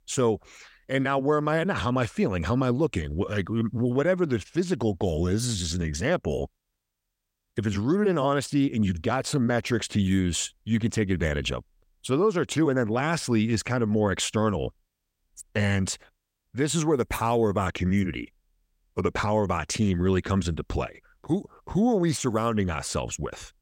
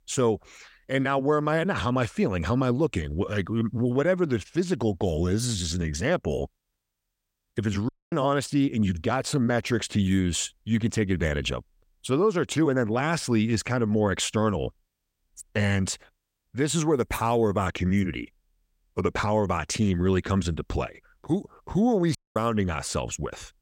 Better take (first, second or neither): first